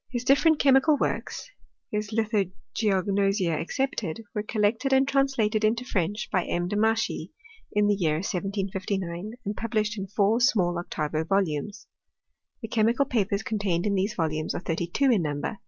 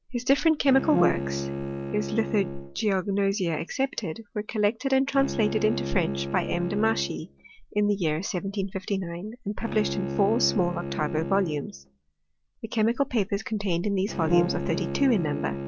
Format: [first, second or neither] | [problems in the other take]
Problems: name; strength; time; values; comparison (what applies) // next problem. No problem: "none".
first | background sound (Brass instrument + Bowed string instrument); 6 dB below the speech